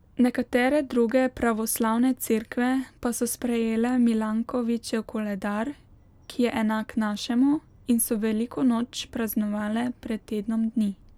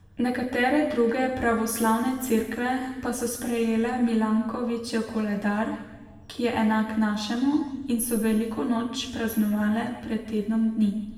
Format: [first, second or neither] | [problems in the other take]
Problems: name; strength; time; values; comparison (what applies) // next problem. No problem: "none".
first | room echo; dies away in 1.2 s